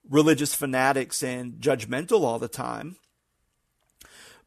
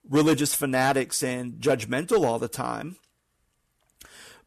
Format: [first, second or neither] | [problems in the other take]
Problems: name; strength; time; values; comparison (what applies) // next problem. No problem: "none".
first | distortion; slight; 3% of the sound clipped